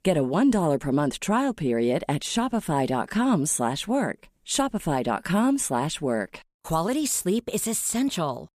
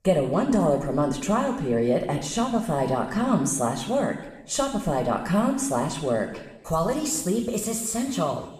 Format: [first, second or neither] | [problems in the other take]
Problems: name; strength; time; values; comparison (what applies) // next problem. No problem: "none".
first | room echo; noticeable; dies away in 1 s // off-mic speech; somewhat distant